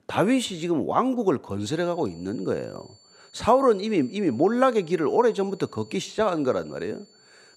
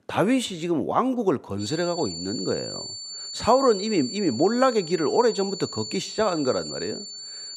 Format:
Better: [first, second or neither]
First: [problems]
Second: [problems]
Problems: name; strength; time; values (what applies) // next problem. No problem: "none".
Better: first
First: high-pitched whine; faint; from 1.5 s on; 4.5 kHz, 30 dB below the speech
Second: high-pitched whine; loud; from 1.5 s on; 4.5 kHz, 9 dB below the speech